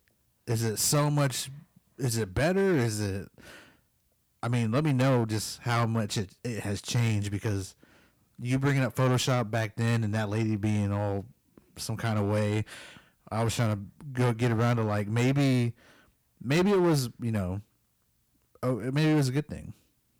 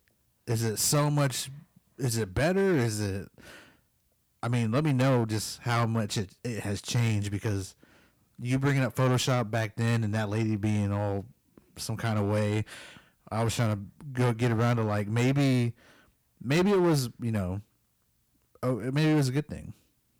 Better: neither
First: distortion; slight; 7% of the sound clipped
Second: distortion; slight; 7% of the sound clipped

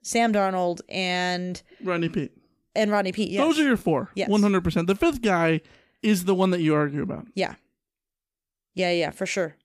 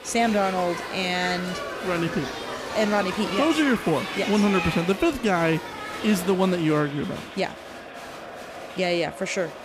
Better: first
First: none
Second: crowd noise; loud; throughout; 8 dB below the speech

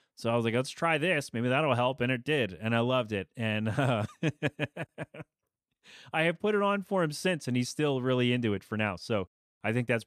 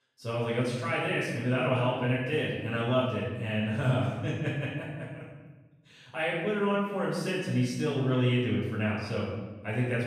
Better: first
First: none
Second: room echo; strong; dies away in 1.1 s // off-mic speech; far

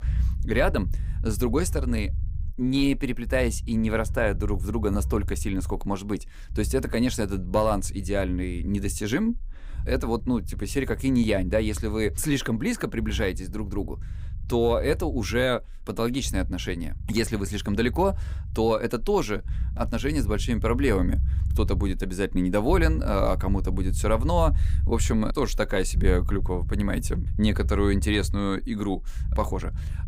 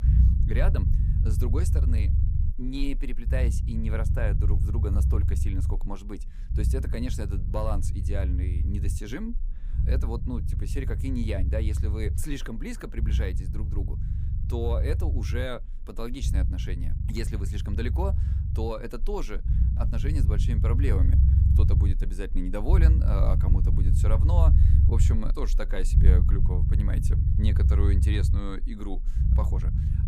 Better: first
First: low rumble; faint; throughout; 20 dB below the speech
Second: low rumble; loud; throughout; 4 dB below the speech

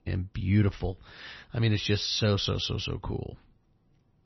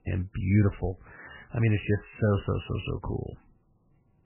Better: first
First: garbled, watery; slightly; nothing above 6 kHz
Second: garbled, watery; badly; nothing above 3 kHz

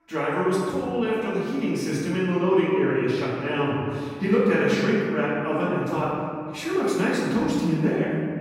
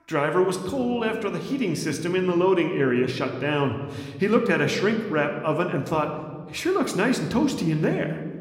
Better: second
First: room echo; strong; dies away in 1.9 s // off-mic speech; far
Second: room echo; slight; dies away in 1.2 s

